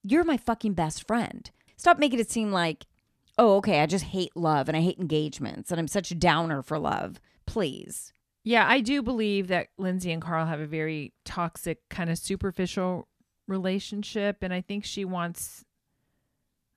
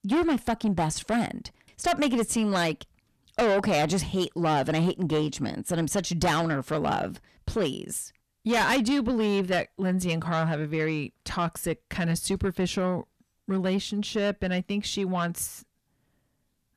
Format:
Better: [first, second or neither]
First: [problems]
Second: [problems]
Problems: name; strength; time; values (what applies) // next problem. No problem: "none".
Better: first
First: none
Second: distortion; heavy; 6 dB below the speech